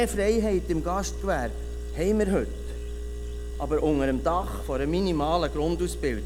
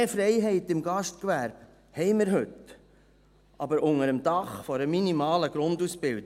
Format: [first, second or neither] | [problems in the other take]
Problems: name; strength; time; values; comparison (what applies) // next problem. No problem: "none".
second | background sound (Engine); 6 dB below the speech